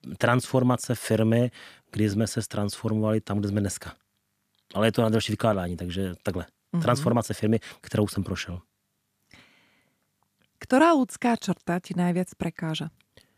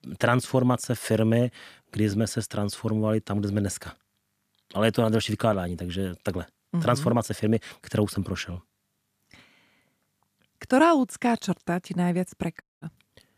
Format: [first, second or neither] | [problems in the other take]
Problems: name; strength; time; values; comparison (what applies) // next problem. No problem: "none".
first | audio cutting out; at 13 s